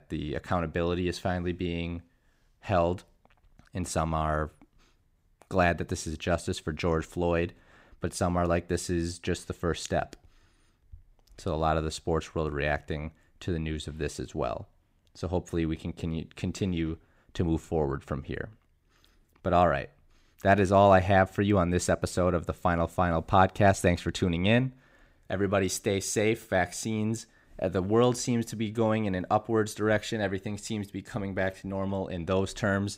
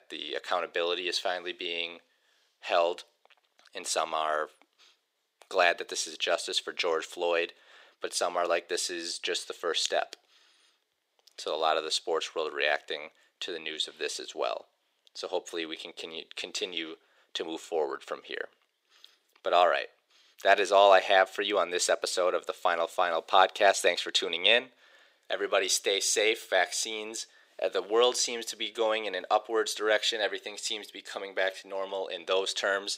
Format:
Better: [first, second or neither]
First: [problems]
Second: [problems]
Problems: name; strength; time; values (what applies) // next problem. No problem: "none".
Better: first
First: none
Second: thin; very; fading below 450 Hz